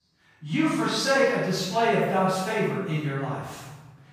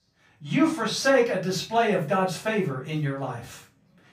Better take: second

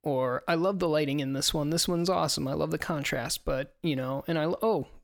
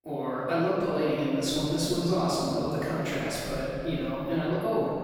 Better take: first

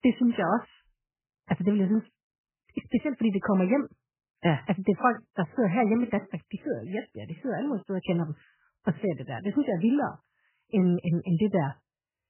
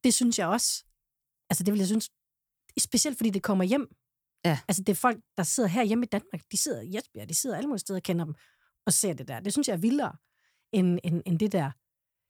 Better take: second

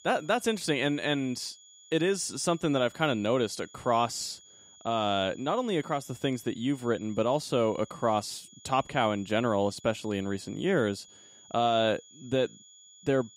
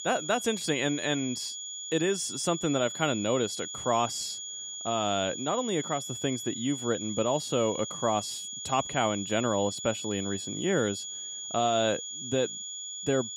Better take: first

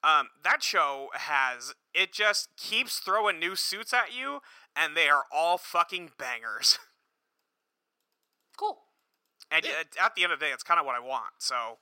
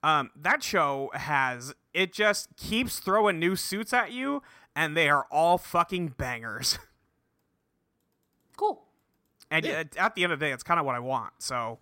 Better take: second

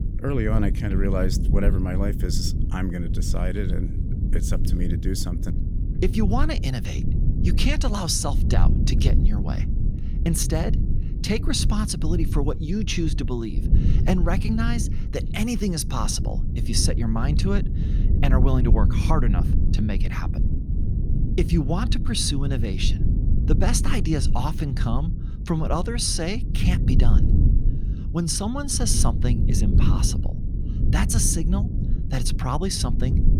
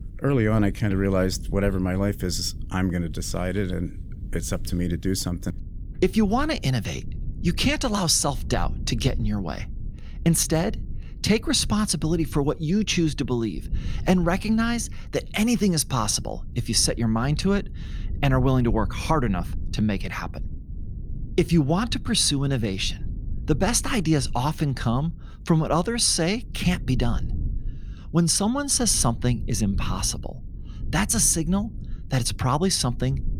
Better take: second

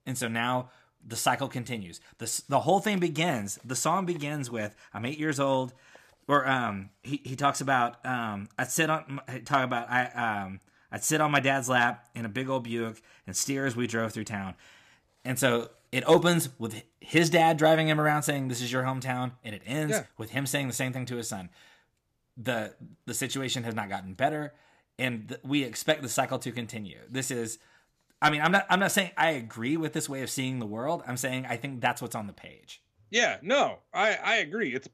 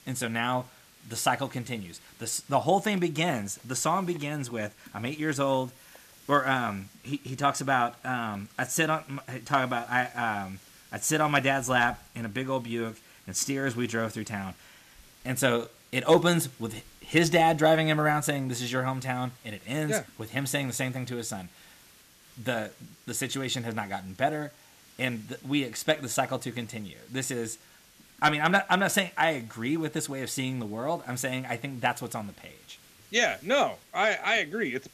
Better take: first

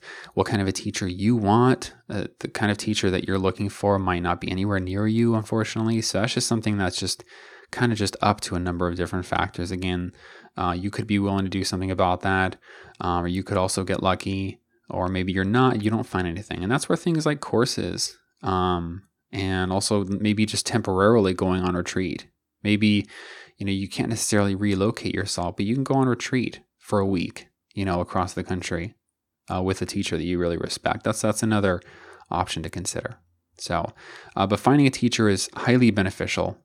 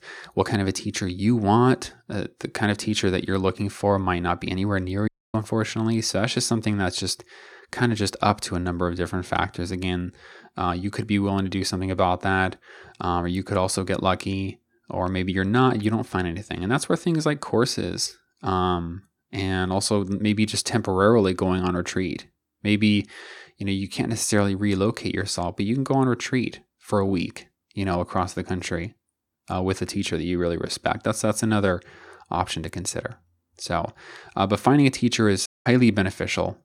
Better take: first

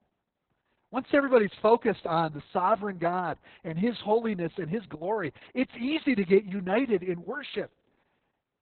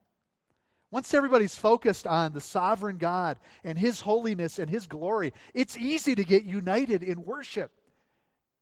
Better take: second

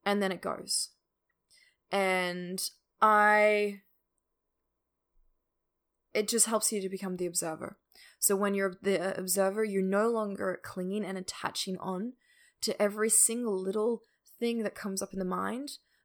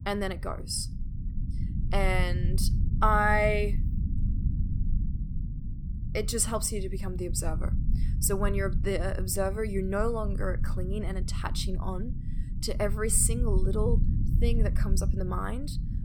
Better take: first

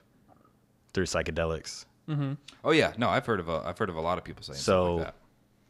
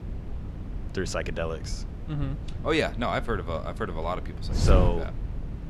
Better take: first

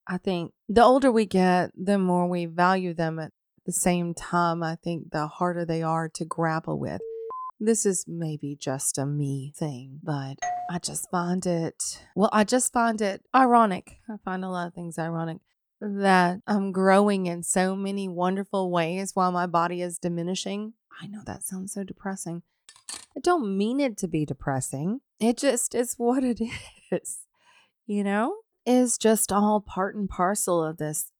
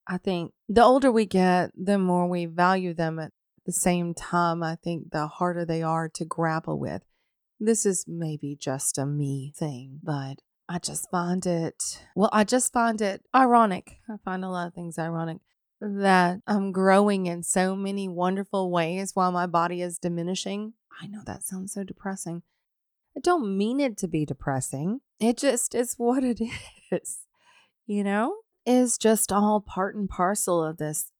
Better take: second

